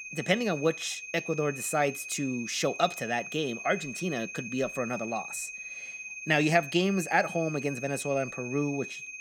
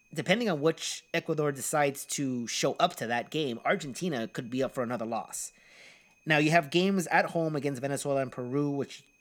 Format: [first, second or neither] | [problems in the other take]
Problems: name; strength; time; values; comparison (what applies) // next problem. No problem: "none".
second | high-pitched whine; loud; throughout; 2.5 kHz, 9 dB below the speech; faint in the second